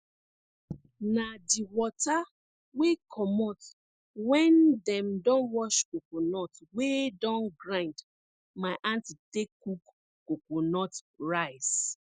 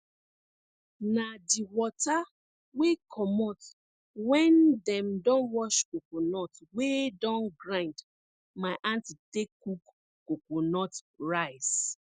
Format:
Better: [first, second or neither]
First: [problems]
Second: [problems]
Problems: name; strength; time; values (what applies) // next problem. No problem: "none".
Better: second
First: noise reduction (neural mask model Resemble Enhance denoiser)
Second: none